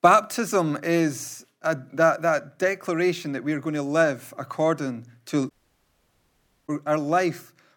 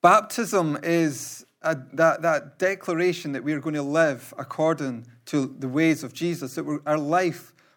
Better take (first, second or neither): second